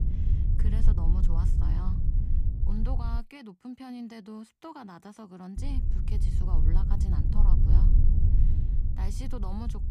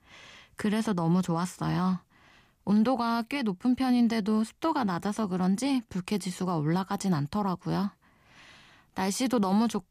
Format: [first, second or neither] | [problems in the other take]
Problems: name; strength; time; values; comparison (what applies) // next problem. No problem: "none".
second | low rumble; loud; until 3 s and from 5.5 s on; as loud as the speech